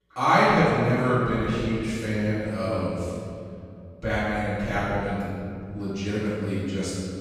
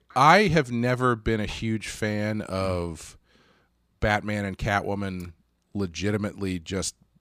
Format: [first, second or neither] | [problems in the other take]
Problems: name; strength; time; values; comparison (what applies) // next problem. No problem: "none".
second | off-mic speech; far // room echo; strong; dies away in 2.4 s